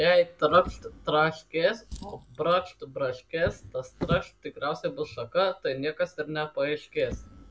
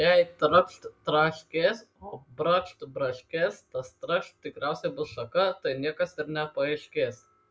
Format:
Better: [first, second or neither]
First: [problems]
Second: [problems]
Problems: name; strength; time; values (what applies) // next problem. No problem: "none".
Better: second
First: background sound (Drawer open or close); 14 dB below the speech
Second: none